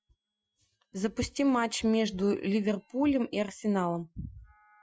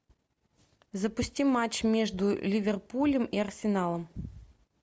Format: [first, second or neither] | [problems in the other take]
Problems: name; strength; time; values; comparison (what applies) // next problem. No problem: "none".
second | noise reduction (classical method Wiener filter)